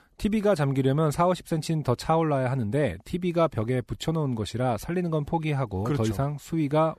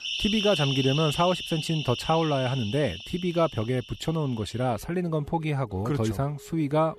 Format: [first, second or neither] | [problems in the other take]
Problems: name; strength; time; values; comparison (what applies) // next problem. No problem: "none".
first | alarms or sirens; loud; throughout; 5 dB below the speech